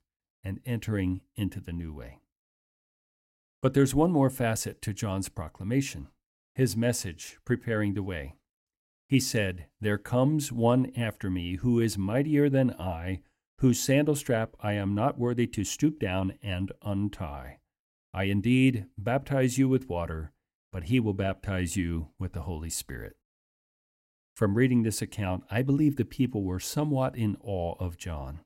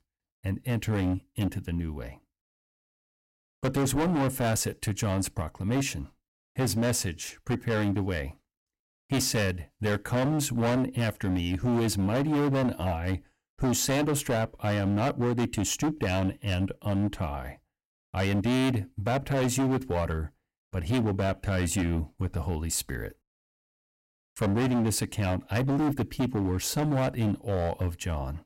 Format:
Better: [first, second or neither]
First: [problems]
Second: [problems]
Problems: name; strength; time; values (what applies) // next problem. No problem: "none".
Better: first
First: none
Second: distortion; heavy; 17% of the sound clipped